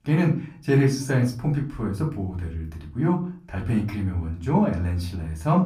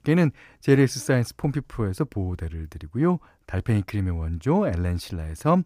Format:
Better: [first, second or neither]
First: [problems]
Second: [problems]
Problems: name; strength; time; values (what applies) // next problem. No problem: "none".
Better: second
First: off-mic speech; far // room echo; very slight; dies away in 0.3 s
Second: none